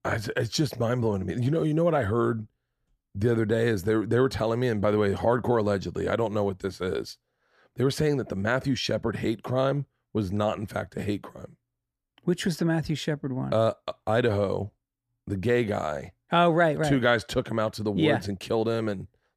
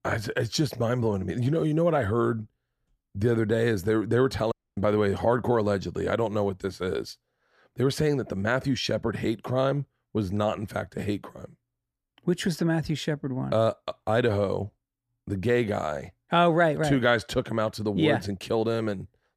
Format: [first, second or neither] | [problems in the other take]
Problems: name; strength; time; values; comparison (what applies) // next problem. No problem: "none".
first | audio cutting out; at 4.5 s